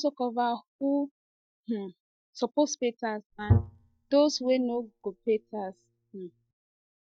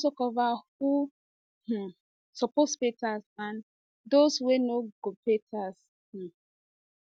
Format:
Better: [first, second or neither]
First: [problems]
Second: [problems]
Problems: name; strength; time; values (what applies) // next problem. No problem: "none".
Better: second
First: noise reduction (neural mask model DeepFilterNet 3)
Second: none